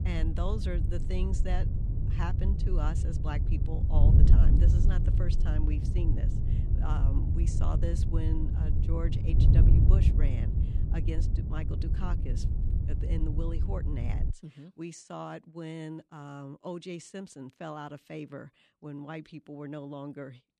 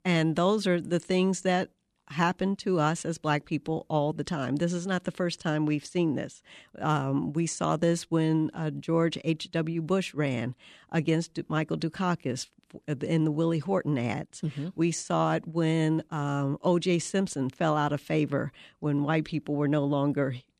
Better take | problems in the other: second | wind noise on the microphone; heavy; until 14 s; 1 dB below the speech

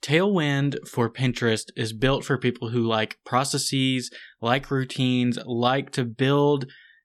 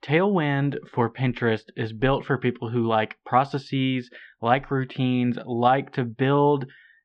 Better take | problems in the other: first | muffled; very; fading above 2.5 kHz

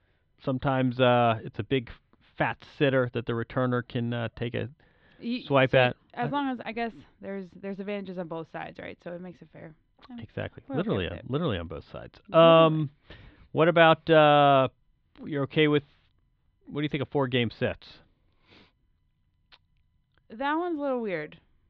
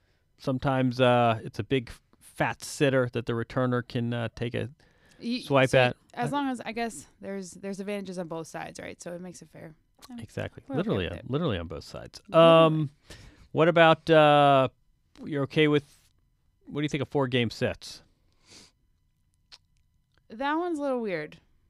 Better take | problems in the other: second | muffled; slightly; fading above 3.5 kHz

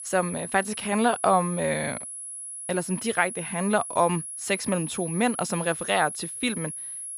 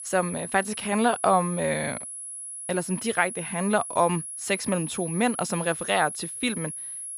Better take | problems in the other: neither | high-pitched whine; loud; throughout; 10.5 kHz, 8 dB below the speech; the same in both

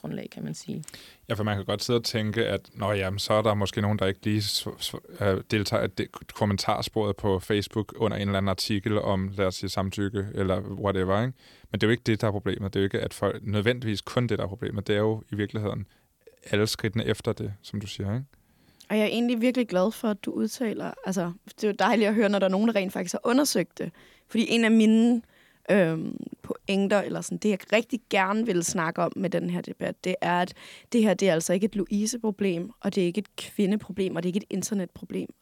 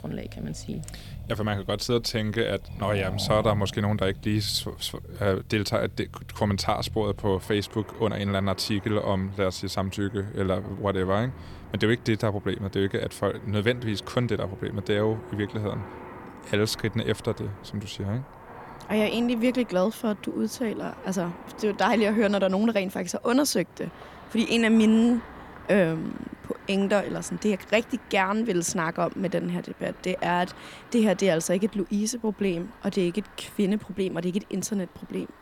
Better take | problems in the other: first | traffic noise; noticeable; throughout; 15 dB below the speech

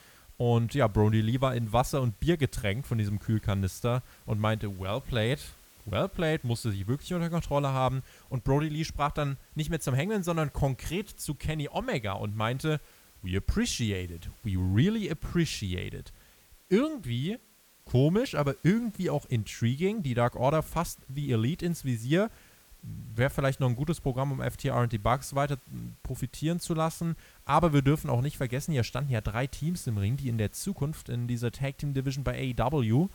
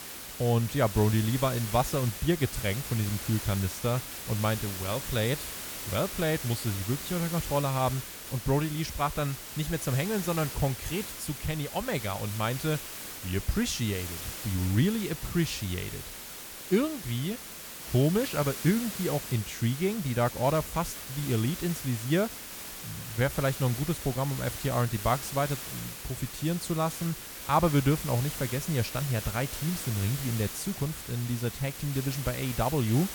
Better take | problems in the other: first | hiss; loud; throughout; 7 dB below the speech; faint in the first

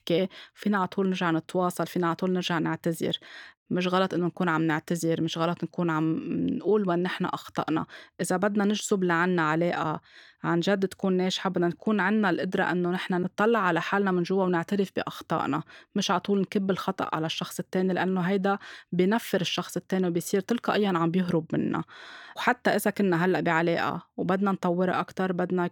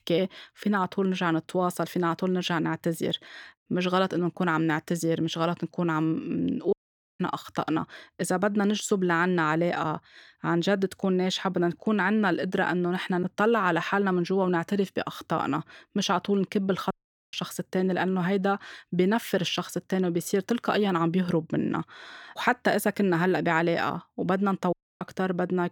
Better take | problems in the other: first | audio cutting out; at 6.5 s, at 17 s and at 25 s

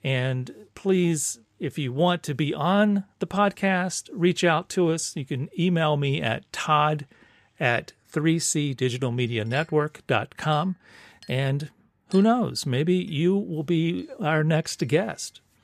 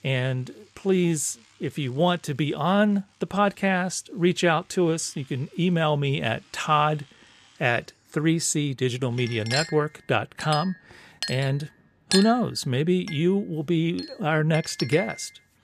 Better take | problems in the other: first | household noises; loud; throughout; 8 dB below the speech; faint in the first

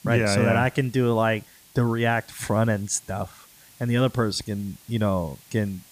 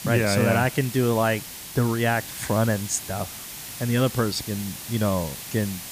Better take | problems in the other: first | hiss; loud; throughout; 10 dB below the speech; faint in the first

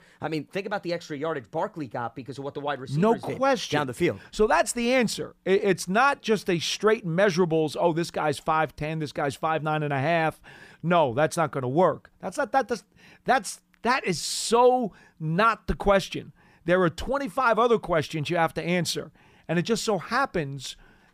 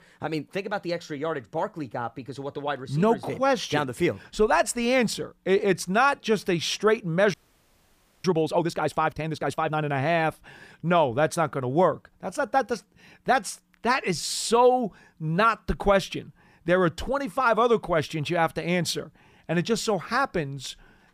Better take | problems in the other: first | audio freezing; at 7.5 s for 1 s

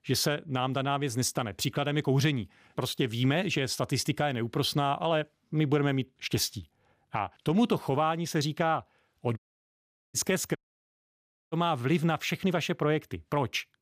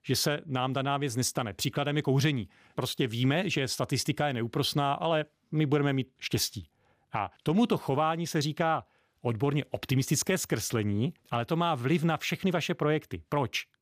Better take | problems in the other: second | audio cutting out; at 9.5 s for 1 s and at 11 s for 1 s

